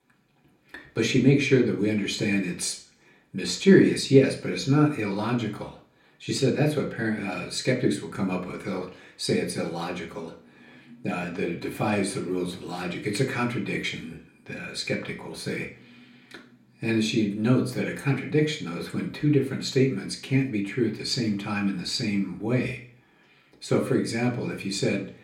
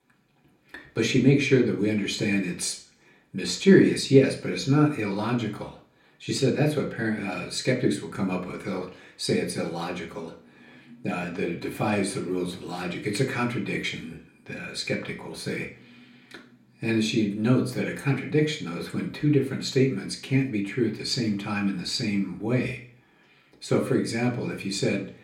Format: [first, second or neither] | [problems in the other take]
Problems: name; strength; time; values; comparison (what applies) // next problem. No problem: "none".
neither | room echo; slight; dies away in 0.4 s; the same in both // off-mic speech; far; the same in both